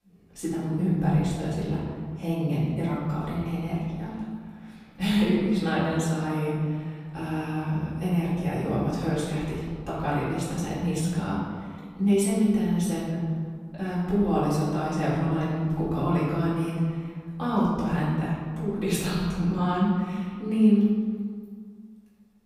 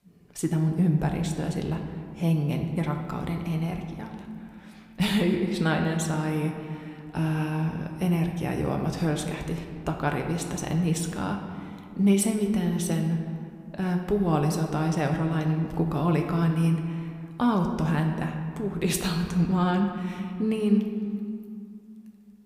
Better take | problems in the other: second | room echo; strong; dies away in 1.7 s; slight in the second // off-mic speech; far

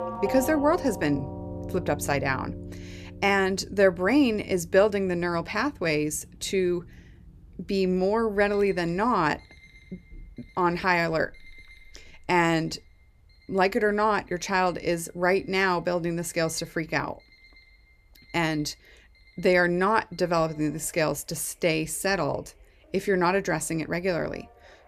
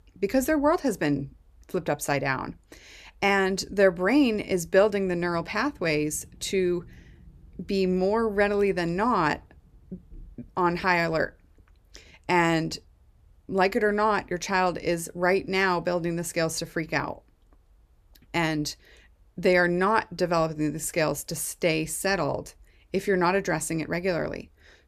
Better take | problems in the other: second | alarms or sirens; noticeable; throughout; 15 dB below the speech

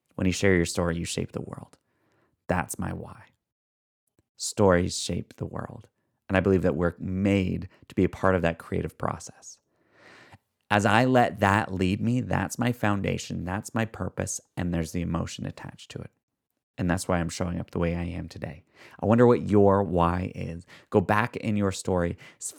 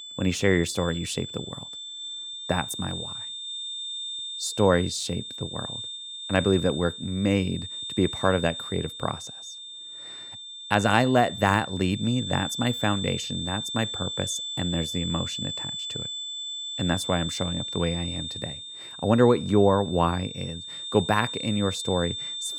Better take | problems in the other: first | high-pitched whine; loud; throughout; 3.5 kHz, 7 dB below the speech

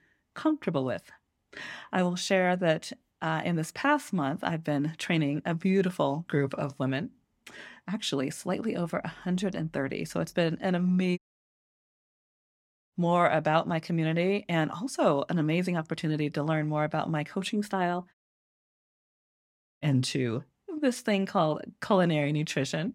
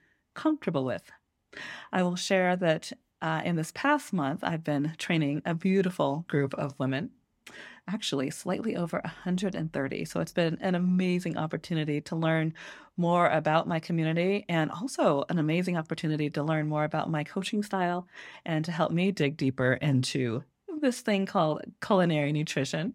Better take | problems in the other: second | audio cutting out; at 11 s for 1.5 s and at 18 s for 1.5 s

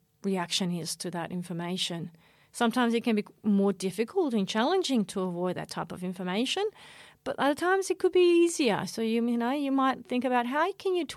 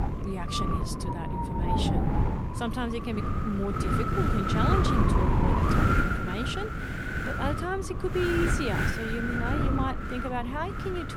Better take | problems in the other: first | wind noise on the microphone; heavy; 4 dB above the speech

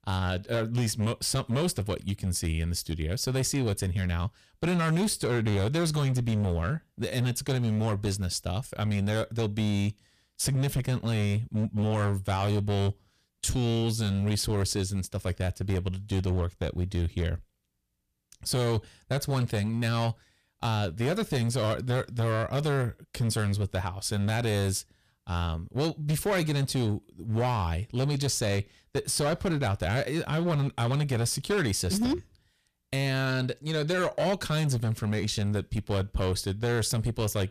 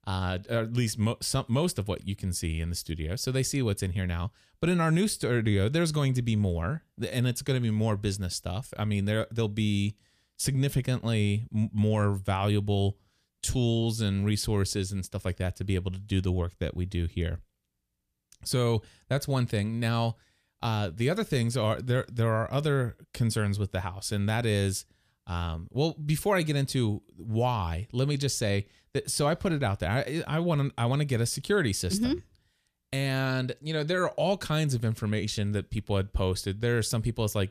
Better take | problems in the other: second | distortion; slight; 13% of the sound clipped

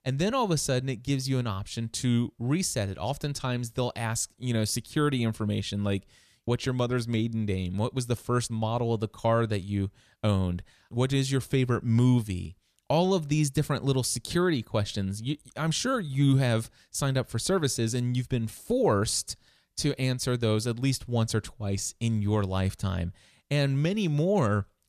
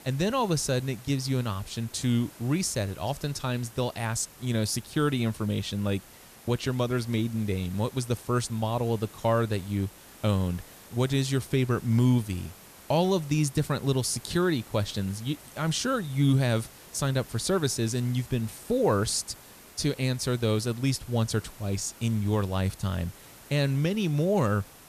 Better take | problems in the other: first | hiss; faint; throughout; 20 dB below the speech

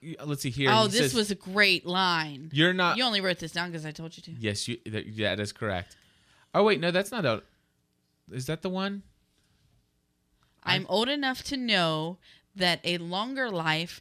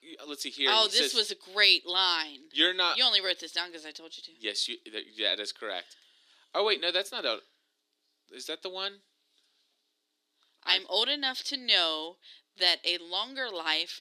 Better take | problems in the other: first | thin; somewhat; fading below 300 Hz

